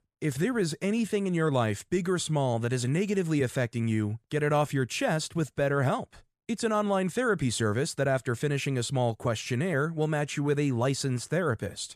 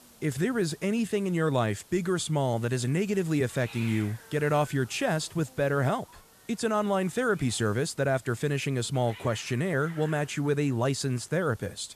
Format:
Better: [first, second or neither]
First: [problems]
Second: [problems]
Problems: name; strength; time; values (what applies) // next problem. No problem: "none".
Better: first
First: none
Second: hiss; faint; throughout; 20 dB below the speech